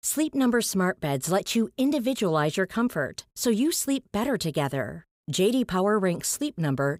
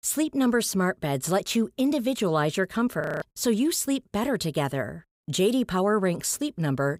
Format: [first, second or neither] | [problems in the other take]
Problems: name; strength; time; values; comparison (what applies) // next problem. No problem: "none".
first | audio freezing; at 3 s